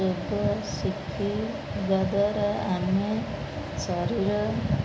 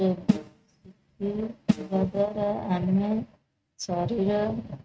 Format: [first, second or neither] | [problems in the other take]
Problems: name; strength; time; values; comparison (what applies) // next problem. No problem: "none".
first | noise reduction (neural mask model RNNoise)